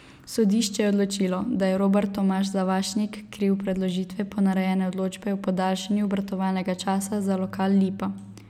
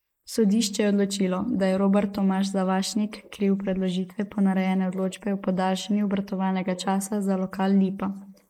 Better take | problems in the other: first | noise reduction (neural mask model Resemble Enhance denoiser)

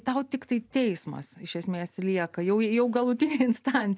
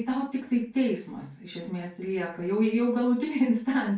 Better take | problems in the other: first | room echo; dies away in 0.3 s

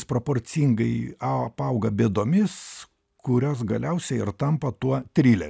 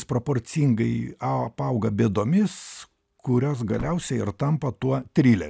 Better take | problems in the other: first | background sound (Slam / Wood); 19 dB below the speech

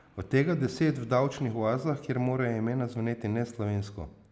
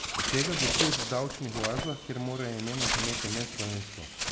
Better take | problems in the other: first | background sound (Bird); 2 dB above the speech

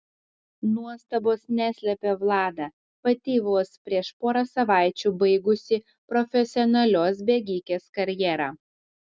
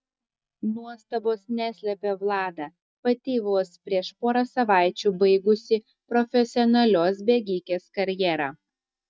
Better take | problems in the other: first | noise reduction (neural mask model DeepFilterNet 3)

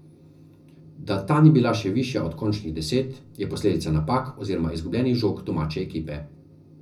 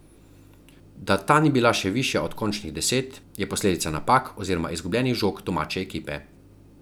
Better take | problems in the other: second | room echo; dies away in 0.4 s

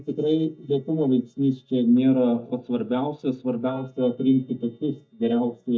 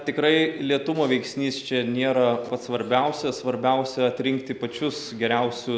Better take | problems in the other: second | noise reduction (neural mask model DeepFilterNet 3)

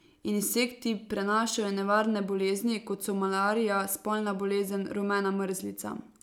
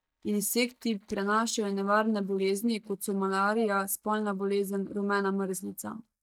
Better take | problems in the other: first | noise reduction (neural mask model DeepFilterNet 3)

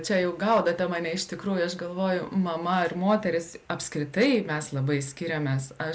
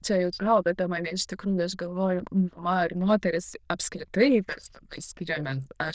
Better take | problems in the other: first | noise reduction (neural diffusion model UNIVERSE++)

